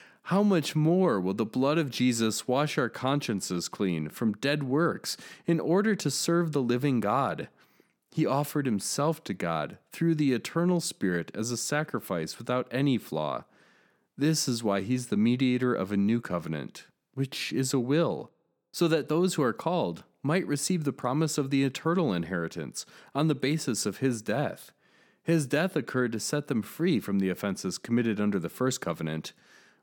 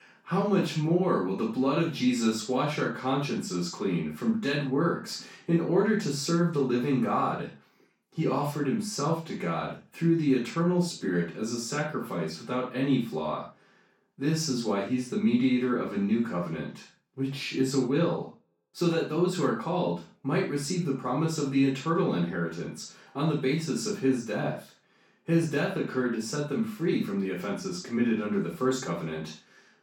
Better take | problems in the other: first | room echo; noticeable; dies away in 0.3 s // off-mic speech; far

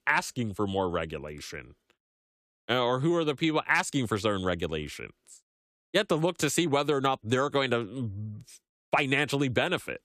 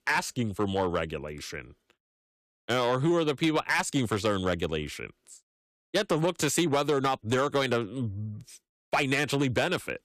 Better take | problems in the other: first | distortion; slight; 4% of the sound clipped

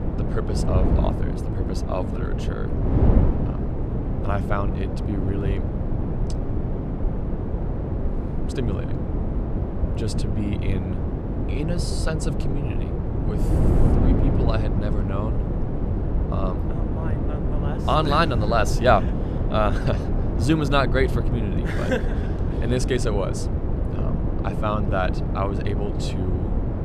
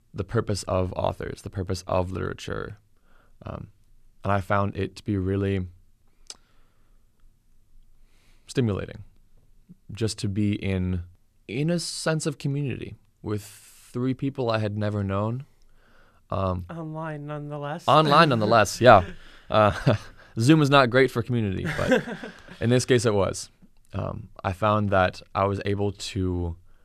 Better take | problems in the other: second | wind noise on the microphone; heavy; 6 dB below the speech

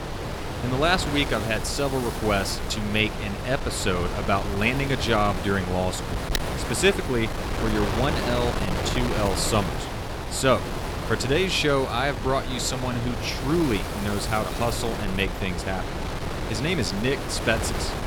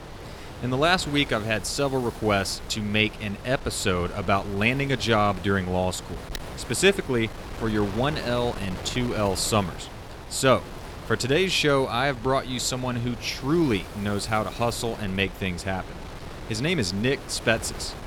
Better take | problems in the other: second | wind noise on the microphone; heavy; 5 dB below the speech; occasional gusts in the second

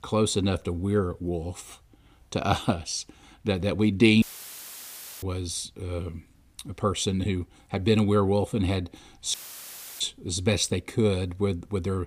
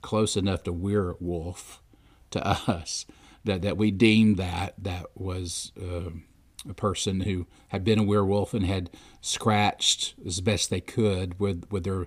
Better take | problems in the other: second | audio cutting out; filled with static; at 4 s for 1 s and at 9.5 s for 0.5 s

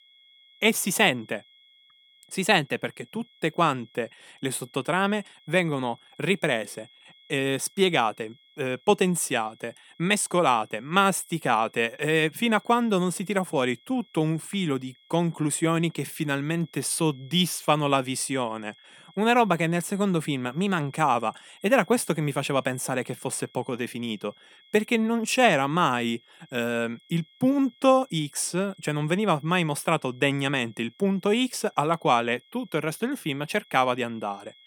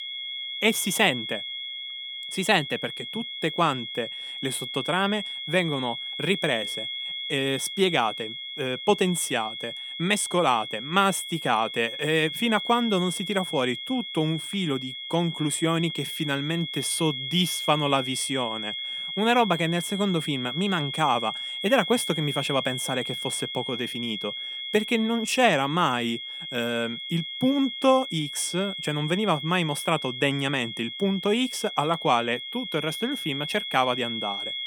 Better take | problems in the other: first | high-pitched whine; loud; throughout; 3.5 kHz, 6 dB below the speech; faint in the first

